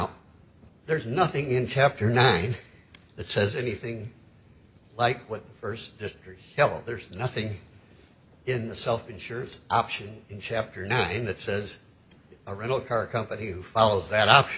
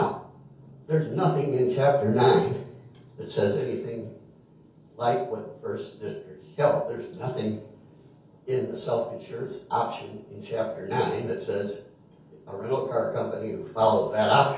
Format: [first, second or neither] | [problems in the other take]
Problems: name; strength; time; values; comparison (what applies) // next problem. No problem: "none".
first | room echo; dies away in 0.6 s